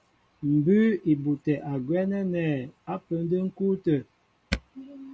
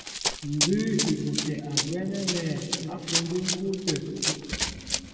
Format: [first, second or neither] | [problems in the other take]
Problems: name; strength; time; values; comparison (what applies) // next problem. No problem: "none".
first | background sound (Run); 2 dB below the speech // room echo; dies away in 2.3 s